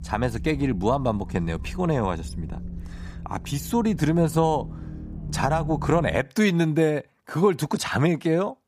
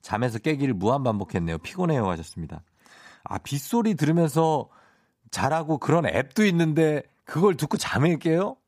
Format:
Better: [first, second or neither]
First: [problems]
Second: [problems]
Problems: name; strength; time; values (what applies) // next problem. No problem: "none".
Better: second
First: low rumble; faint; until 6 s; 20 dB below the speech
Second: none